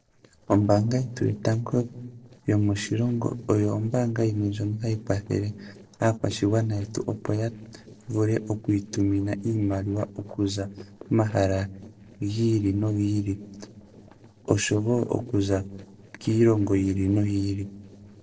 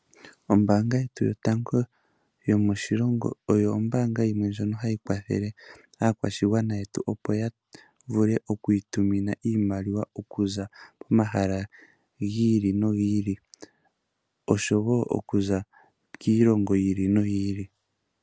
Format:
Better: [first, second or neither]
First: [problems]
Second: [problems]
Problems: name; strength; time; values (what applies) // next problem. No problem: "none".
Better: second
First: noise reduction (neural separator model SepFormer DNS4)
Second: none